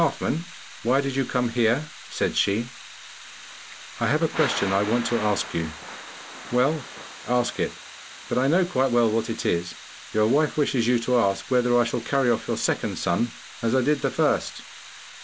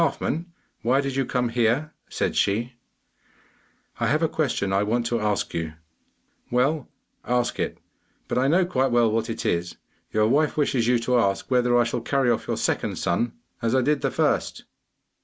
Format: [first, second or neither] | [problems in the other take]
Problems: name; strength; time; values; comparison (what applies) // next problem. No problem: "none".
second | background sound (Thunder / Rain); 14 dB below the speech